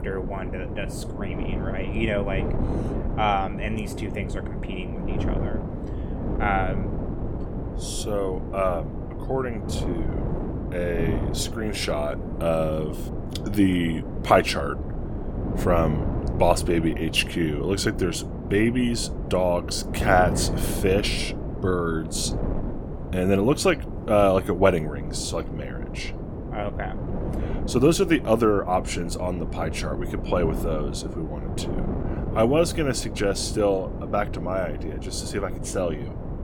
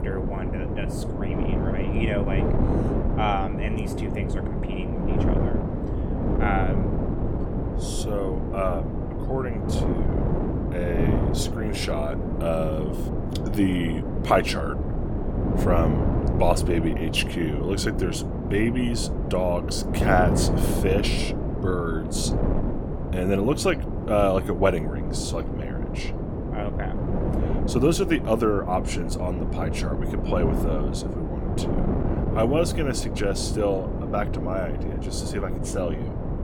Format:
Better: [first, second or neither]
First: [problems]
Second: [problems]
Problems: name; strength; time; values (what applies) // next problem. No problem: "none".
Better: first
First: wind noise on the microphone; occasional gusts; 10 dB below the speech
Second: wind noise on the microphone; heavy; 5 dB below the speech